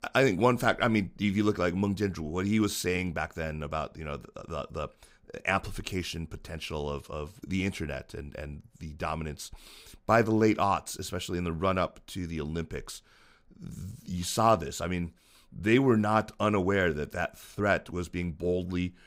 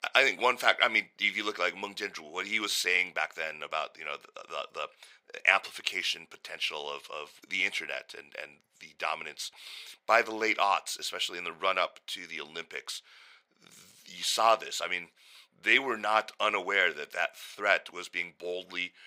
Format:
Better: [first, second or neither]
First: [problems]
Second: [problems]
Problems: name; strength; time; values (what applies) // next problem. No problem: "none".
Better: first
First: none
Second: thin; very; fading below 650 Hz